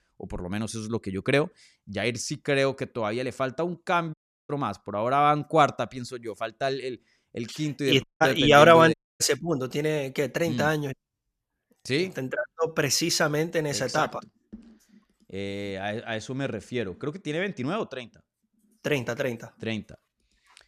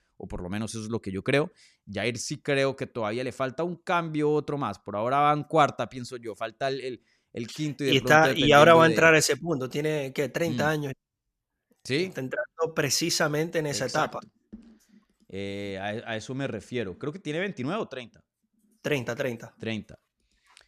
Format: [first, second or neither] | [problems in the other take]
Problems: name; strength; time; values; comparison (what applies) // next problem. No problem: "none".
second | audio cutting out; at 4 s, at 8 s and at 9 s